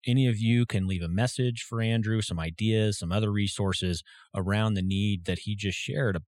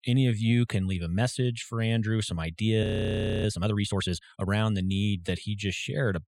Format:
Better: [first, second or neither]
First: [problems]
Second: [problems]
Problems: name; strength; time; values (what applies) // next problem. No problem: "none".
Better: first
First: none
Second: audio freezing; at 3 s for 0.5 s